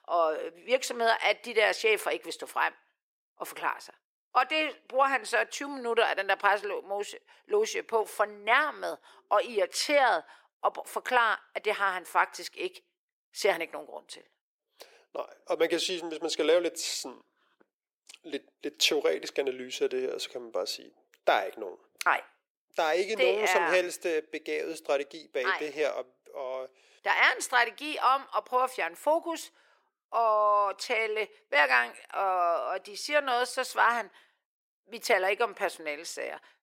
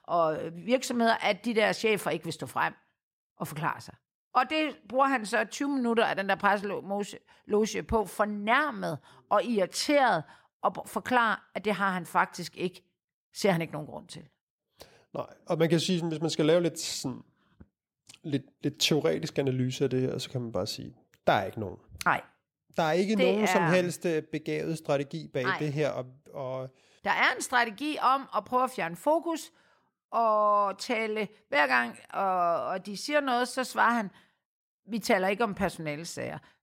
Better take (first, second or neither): second